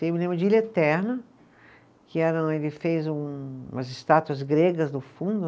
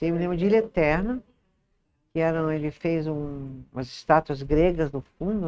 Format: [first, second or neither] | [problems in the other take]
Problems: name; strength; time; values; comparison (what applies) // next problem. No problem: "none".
first | noise reduction (neural mask model RNNoise)